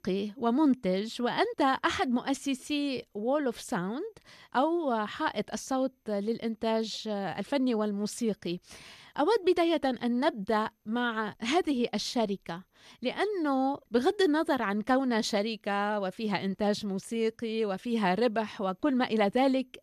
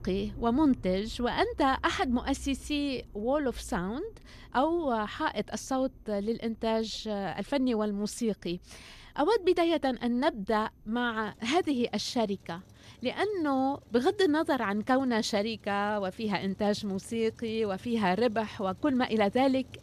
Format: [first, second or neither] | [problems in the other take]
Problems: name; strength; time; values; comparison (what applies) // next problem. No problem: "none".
first | traffic noise; faint; throughout; 20 dB below the speech